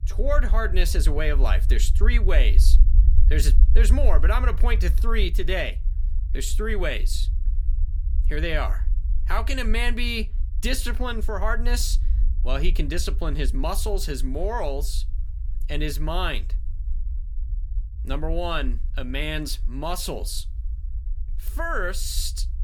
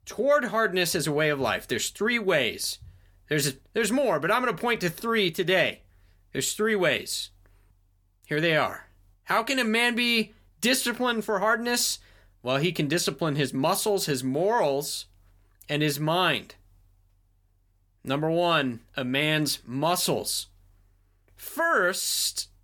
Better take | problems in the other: second | low rumble; noticeable; throughout; 20 dB below the speech

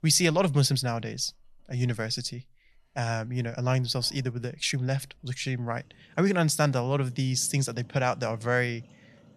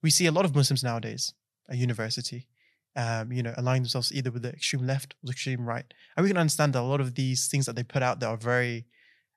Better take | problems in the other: second | household noises; faint; throughout; 30 dB below the speech

